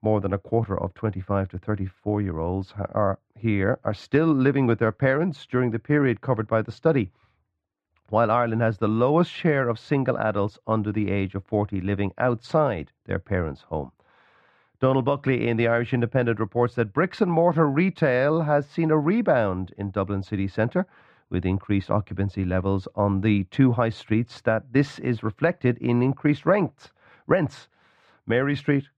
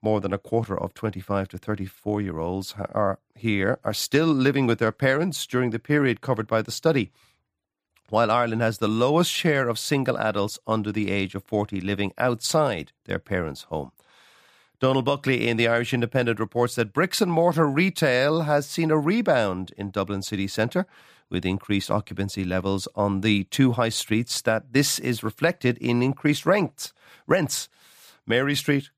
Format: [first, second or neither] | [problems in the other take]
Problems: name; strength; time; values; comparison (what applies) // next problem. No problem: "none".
second | muffled; very; fading above 2 kHz